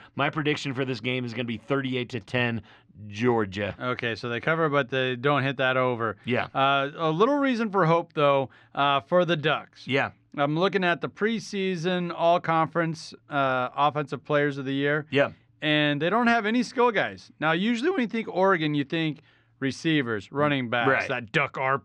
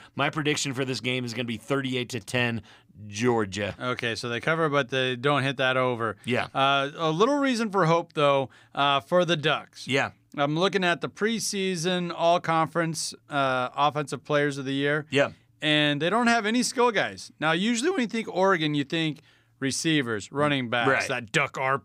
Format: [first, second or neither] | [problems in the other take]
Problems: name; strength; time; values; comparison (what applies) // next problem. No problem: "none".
second | muffled; slightly; fading above 3 kHz